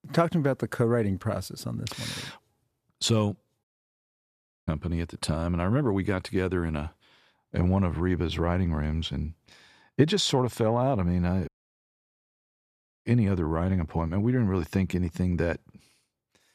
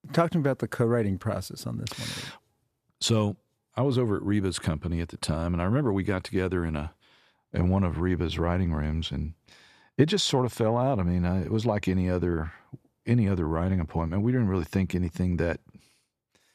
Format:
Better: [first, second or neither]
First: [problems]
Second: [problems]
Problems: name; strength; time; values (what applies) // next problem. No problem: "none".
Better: second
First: audio cutting out; at 3.5 s for 1 s and at 11 s for 1.5 s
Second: none